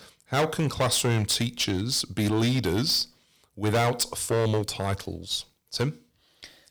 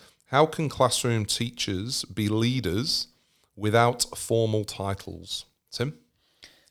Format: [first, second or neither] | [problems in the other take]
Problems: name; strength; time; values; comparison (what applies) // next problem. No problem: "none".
second | distortion; heavy; 9% of the sound clipped